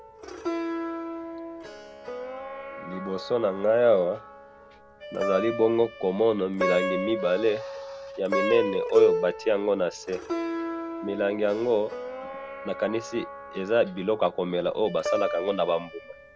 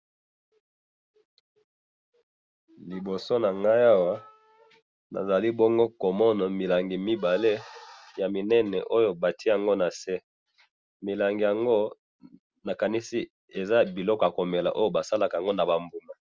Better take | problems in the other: second | background sound (Plucked string instrument); 5 dB below the speech

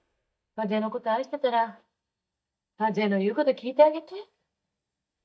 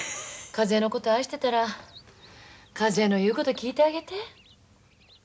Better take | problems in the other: second | noise reduction (neural mask model DeepFilterNet 3)

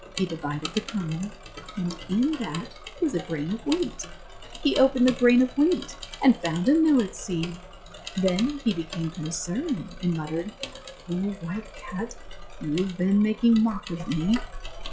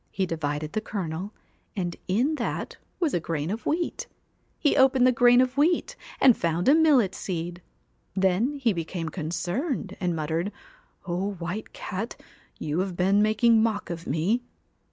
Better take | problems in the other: second | noise reduction (classical method log-MMSE)

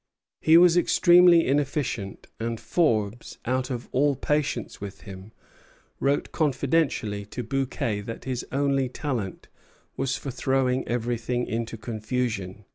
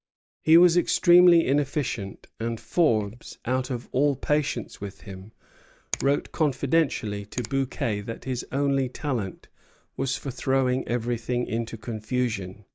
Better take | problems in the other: first | noise reduction (neural mask model DeepFilterNet 3)

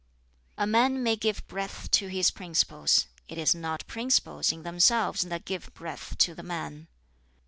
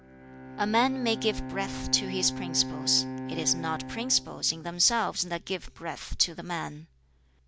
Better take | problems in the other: first | background sound (Bowed string instrument); 9 dB below the speech

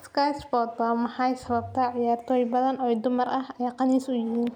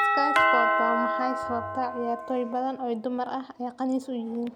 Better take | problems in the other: first | background sound (Doorbell); 2 dB above the speech

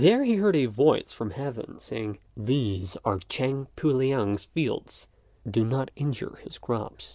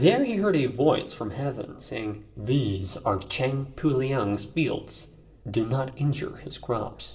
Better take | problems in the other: first | room echo; dies away in 1.3 s

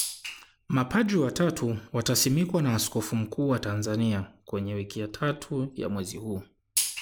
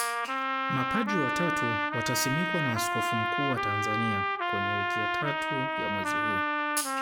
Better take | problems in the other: first | background sound (Trumpet); 4 dB above the speech

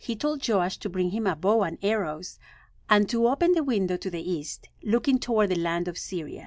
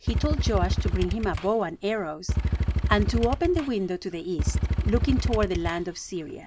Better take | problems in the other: first | background sound (Motorcycle / Engine); 1 dB above the speech

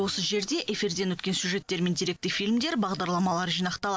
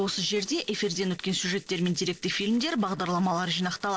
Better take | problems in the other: first | noise reduction (neural separator model SepFormer DNS4)

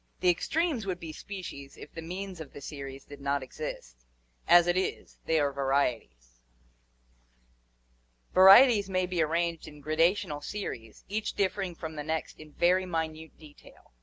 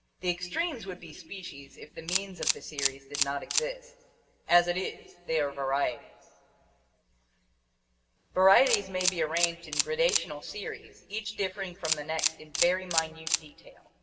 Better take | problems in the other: first | background sound (Camera); 2 dB below the speech // room echo; dies away in 2 s

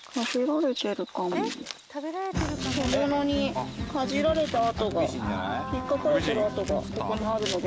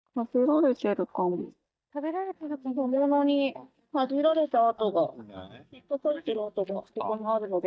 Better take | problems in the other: first | noise reduction (neural mask model DeepFilterNet 3)

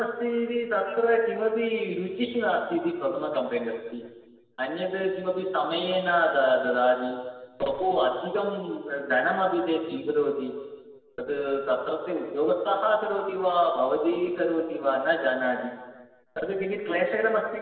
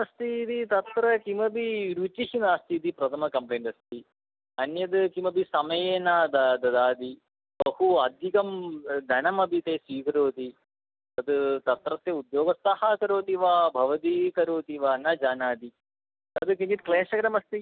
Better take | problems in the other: second | room echo; dies away in 1.4 s

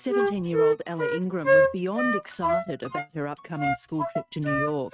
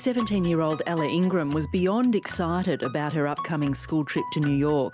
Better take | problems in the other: second | noise reduction (neural mask model RNNoise)

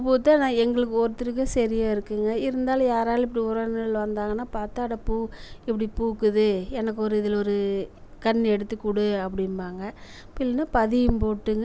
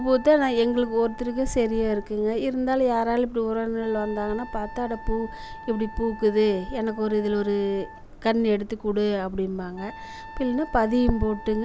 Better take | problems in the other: first | background sound (Wind instrument, woodwind instrument); 18 dB below the speech

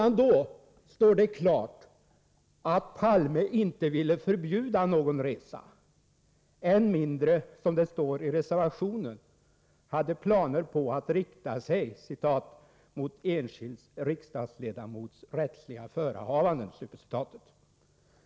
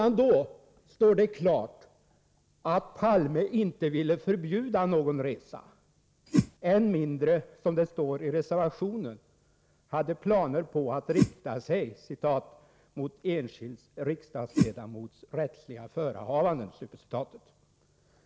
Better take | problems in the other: first | background sound (Whoosh, swoosh, swish); 3 dB above the speech

